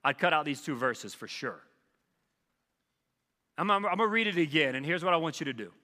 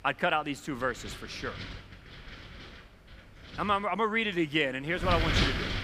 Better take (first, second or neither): first